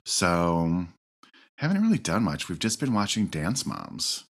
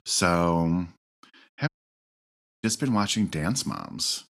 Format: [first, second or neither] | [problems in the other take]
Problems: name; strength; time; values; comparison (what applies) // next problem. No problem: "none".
first | audio cutting out; at 1.5 s for 1 s